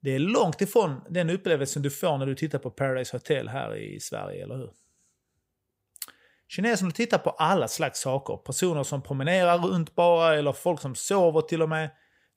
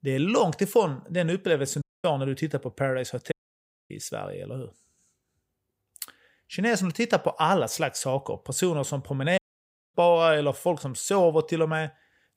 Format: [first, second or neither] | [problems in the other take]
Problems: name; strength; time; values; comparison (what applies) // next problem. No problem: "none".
first | audio cutting out; at 2 s, at 3.5 s for 0.5 s and at 9.5 s for 0.5 s